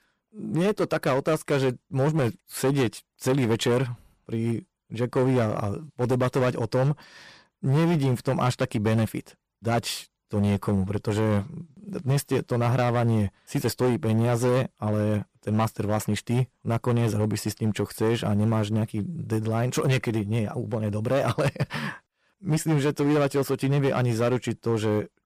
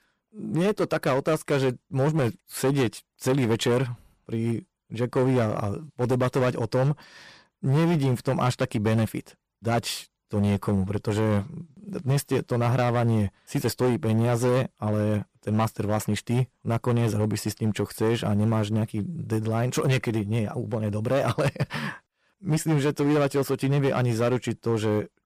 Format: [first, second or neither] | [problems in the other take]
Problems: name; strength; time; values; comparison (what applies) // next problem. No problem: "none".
neither | distortion; slight; 11% of the sound clipped; the same in both